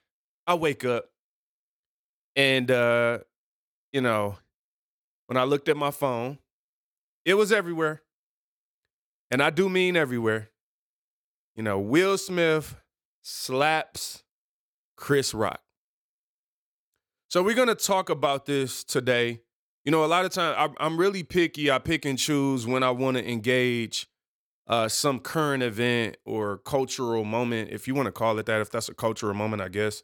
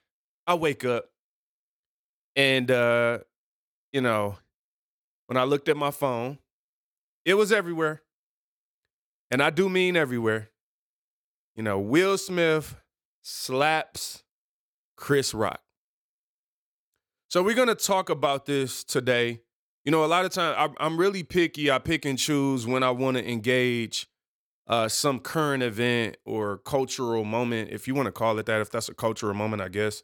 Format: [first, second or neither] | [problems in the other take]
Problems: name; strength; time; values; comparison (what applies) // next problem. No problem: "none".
neither | none